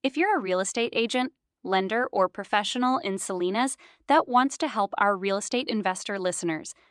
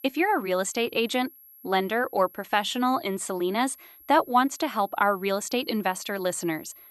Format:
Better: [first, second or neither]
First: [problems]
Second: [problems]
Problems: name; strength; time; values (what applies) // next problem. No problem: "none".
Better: first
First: none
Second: high-pitched whine; faint; throughout; 11.5 kHz, 20 dB below the speech